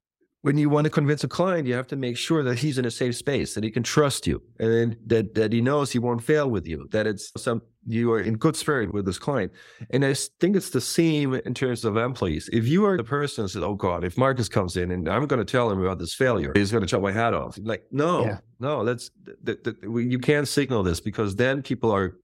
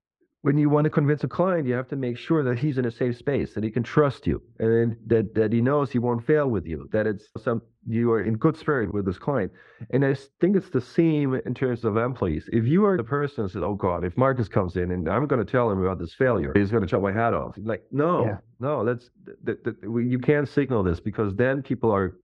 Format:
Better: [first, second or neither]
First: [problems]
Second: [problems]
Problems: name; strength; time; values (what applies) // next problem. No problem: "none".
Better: first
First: none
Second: muffled; very; fading above 1.5 kHz